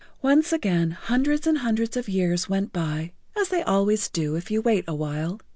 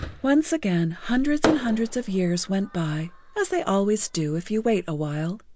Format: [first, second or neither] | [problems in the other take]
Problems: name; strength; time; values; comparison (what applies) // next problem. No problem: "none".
first | background sound (Fireworks); 12 dB below the speech